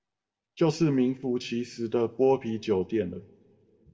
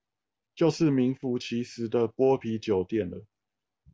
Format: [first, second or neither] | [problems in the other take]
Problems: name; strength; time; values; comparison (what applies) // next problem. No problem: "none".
second | room echo; dies away in 0.9 s